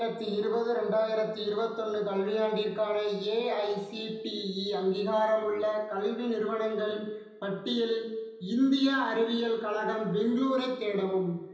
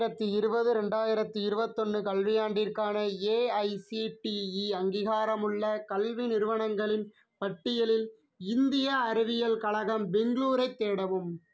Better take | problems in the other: second | room echo; dies away in 0.9 s

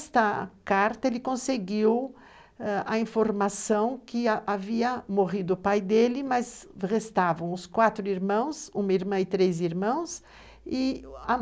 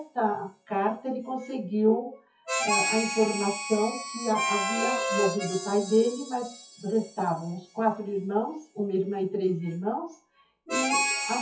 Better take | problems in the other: first | noise reduction (classical method WPE with log-MMSE)

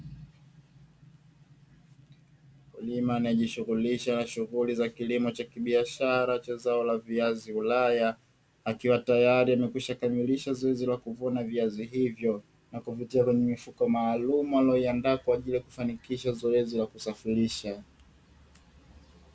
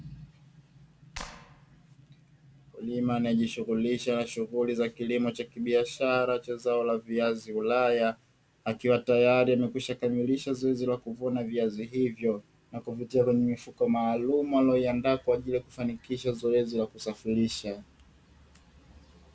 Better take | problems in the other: first | background sound (Clapping); 17 dB below the speech

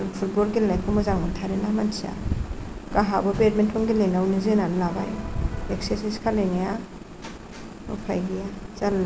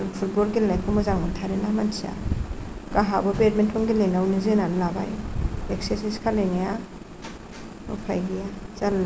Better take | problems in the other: second | background sound (Electric guitar); 19 dB below the speech

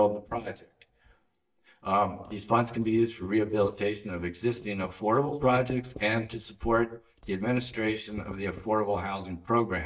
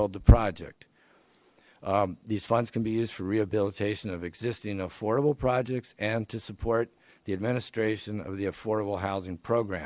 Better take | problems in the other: second | noise reduction (neural mask model DeepFilterNet 3)

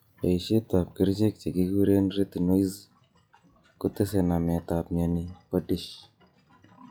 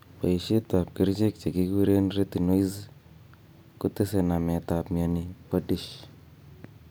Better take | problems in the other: second | noise reduction (classical method log-MMSE)

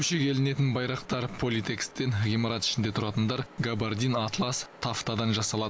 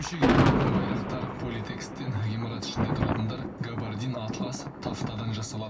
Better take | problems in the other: first | background sound (Thunder); 4 dB above the speech // room echo; dies away in 0.4 s

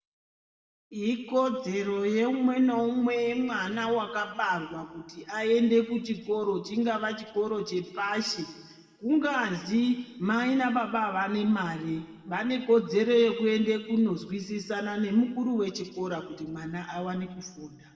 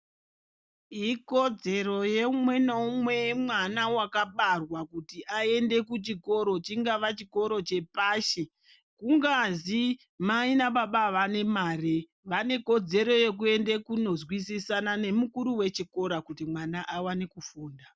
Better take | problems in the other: second | room echo; dies away in 1.4 s

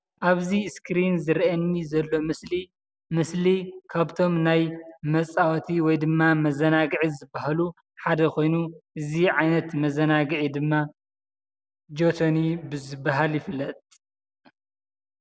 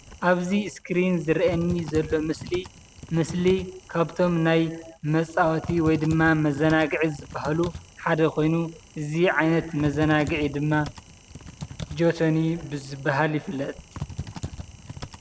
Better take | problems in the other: first | background sound (Typing); 15 dB below the speech

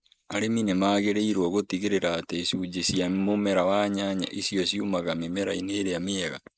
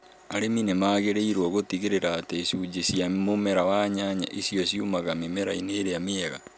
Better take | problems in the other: second | noise reduction (neural mask model Resemble Enhance denoiser)

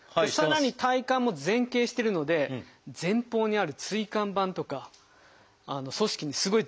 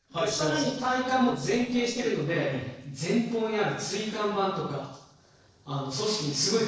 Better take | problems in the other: first | noise reduction (neural separator model SepFormer DNS4)

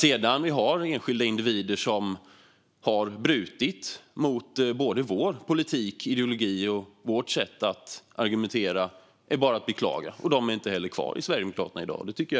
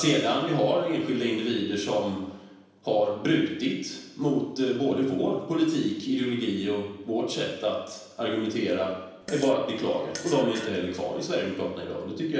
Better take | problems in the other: first | background sound (Fart); 15 dB below the speech // room echo; dies away in 0.9 s

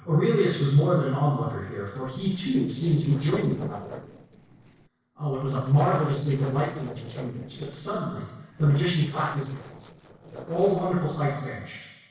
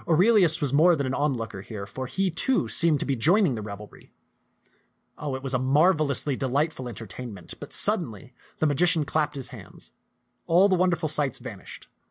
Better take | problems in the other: second | noise reduction (neural separator model SepFormer DNS4)

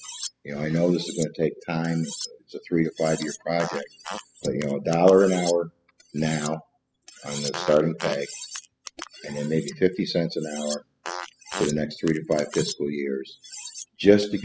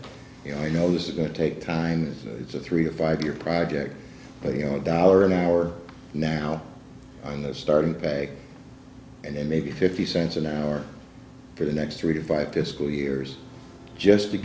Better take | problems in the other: second | noise reduction (classical method spectral subtraction)

